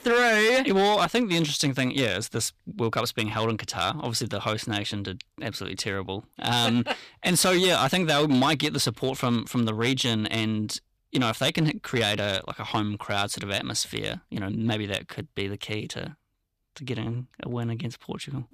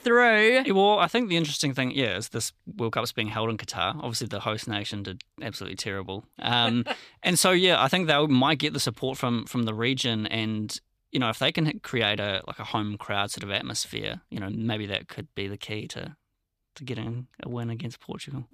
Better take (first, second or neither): second